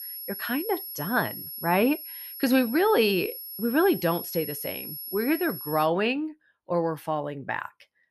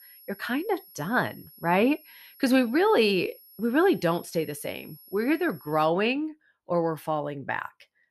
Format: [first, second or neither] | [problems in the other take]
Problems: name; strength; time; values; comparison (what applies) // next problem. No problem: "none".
second | high-pitched whine; loud; until 6 s; 11.5 kHz, 9 dB below the speech; faint in the second